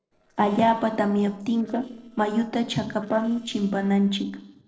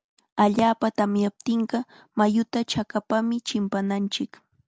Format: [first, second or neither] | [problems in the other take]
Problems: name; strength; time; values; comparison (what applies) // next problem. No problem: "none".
second | noise reduction (neural separator model SepFormer DNS4)